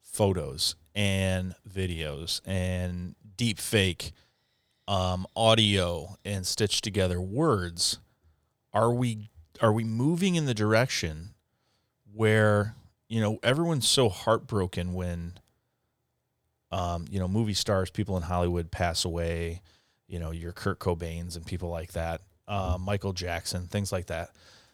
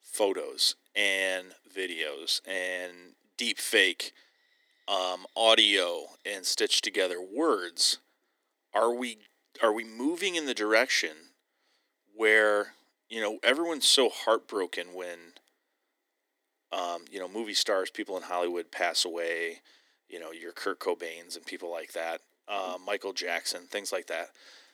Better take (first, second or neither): first